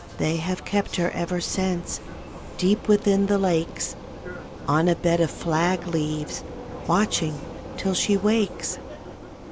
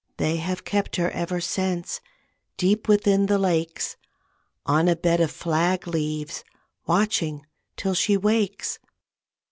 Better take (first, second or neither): second